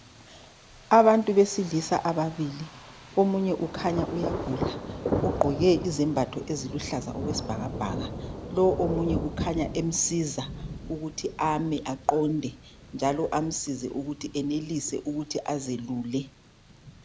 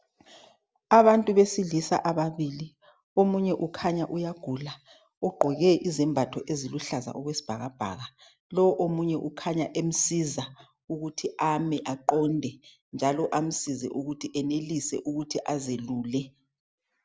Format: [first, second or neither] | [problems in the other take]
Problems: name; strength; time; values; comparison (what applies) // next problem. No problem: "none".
second | background sound (Thunder); 9 dB below the speech